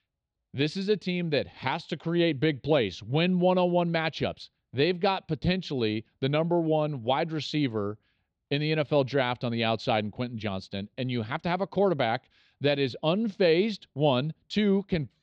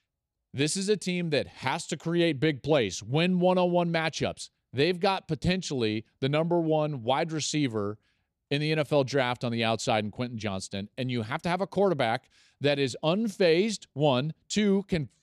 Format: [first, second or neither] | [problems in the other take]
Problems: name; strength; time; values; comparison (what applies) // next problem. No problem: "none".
second | muffled; very slightly; fading above 4 kHz